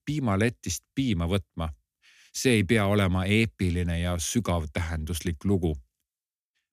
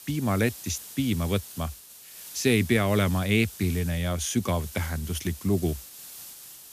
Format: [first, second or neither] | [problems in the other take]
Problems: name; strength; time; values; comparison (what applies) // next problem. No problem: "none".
first | hiss; noticeable; throughout; 15 dB below the speech